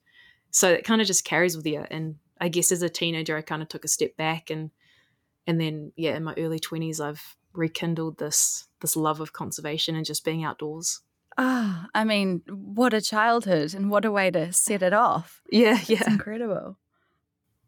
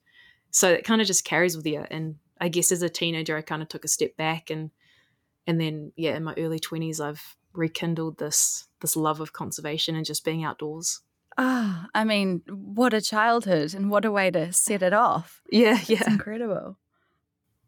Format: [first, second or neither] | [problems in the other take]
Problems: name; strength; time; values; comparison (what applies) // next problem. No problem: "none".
neither | none